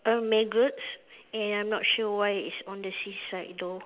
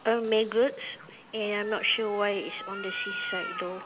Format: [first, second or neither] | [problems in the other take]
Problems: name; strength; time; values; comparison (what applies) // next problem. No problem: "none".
first | background sound (Cat); 11 dB below the speech